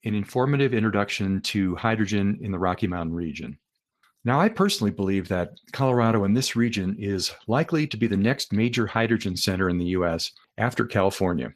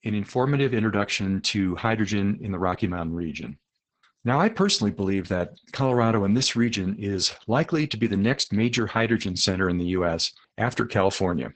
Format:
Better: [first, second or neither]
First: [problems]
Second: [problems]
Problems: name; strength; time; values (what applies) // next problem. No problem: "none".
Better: first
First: garbled, watery; slightly; nothing above 13.5 kHz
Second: garbled, watery; badly; nothing above 8 kHz